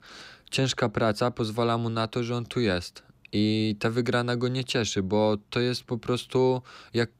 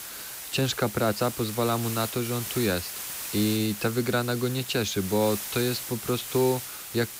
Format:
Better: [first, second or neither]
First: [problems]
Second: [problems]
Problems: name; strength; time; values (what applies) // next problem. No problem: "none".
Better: first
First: none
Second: hiss; loud; throughout; 7 dB below the speech